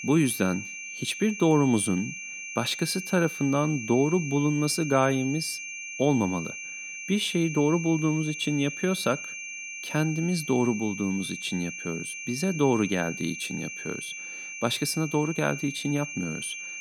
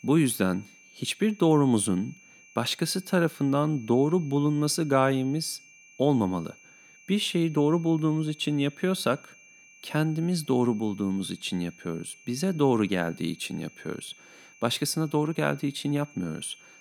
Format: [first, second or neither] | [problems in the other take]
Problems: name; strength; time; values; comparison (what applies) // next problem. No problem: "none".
second | high-pitched whine; loud; throughout; 2.5 kHz, 8 dB below the speech; faint in the second